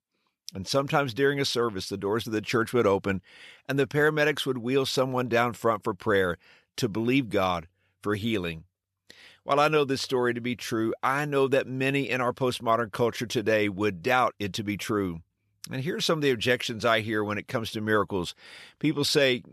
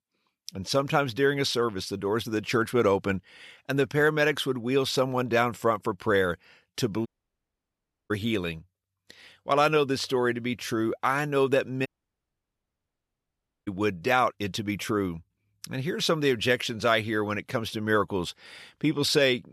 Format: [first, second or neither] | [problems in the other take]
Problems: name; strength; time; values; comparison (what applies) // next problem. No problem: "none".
first | audio cutting out; at 7 s for 1 s and at 12 s for 2 s